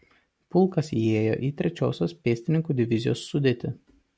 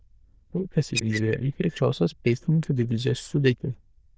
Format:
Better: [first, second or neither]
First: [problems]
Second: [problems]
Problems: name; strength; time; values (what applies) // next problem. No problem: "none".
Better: first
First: none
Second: noise reduction (neural diffusion model UNIVERSE++)